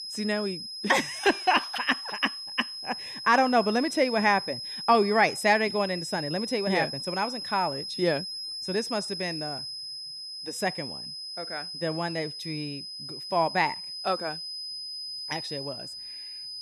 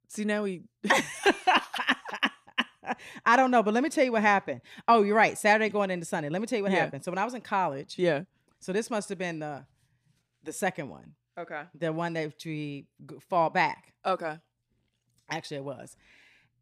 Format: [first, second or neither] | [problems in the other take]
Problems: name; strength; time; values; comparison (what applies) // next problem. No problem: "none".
second | high-pitched whine; loud; throughout; 5 kHz, 7 dB below the speech